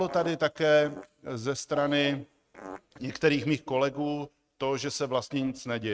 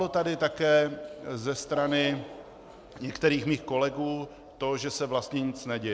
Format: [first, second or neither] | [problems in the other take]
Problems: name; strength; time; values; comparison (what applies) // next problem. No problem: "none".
second | noise reduction (neural mask model RNNoise)